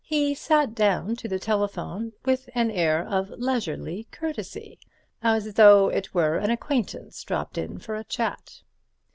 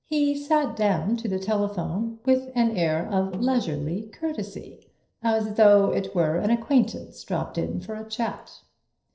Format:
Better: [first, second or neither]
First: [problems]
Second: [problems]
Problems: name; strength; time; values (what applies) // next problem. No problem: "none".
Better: first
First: none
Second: noise reduction (neural separator model SepFormer DNS4)